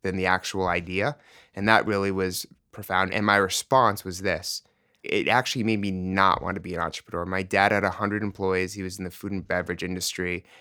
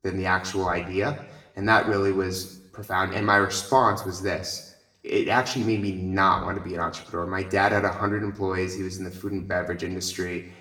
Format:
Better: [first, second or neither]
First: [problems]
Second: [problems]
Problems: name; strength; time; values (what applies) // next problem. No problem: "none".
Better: first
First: none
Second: room echo; slight; dies away in 0.6 s // off-mic speech; far